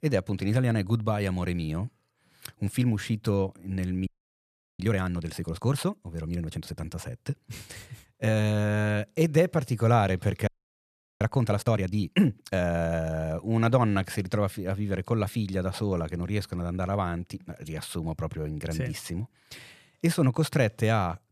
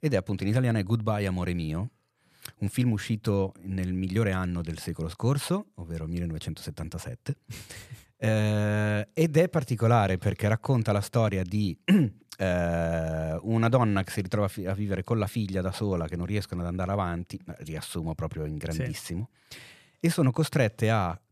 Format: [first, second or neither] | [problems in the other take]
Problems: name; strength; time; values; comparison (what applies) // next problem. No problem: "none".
second | audio freezing; at 4 s for 0.5 s and at 10 s for 0.5 s